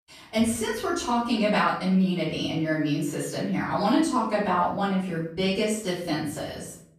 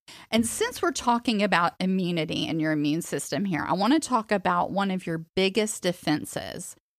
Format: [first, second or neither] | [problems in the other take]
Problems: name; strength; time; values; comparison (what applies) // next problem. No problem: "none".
second | off-mic speech; far // room echo; noticeable; dies away in 0.5 s